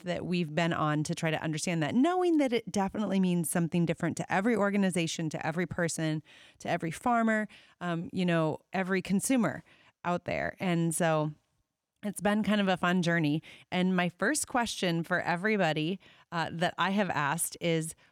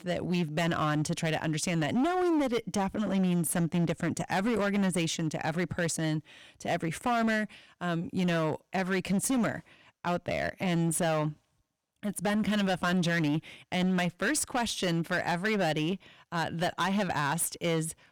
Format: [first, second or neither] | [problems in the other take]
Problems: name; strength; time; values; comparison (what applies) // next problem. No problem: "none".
first | distortion; slight; 15% of the sound clipped